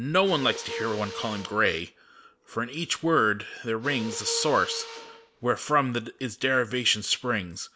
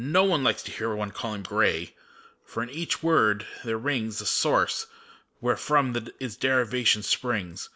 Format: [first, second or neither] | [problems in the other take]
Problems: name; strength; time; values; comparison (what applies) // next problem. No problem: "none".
second | background sound (Mechanisms); 14 dB below the speech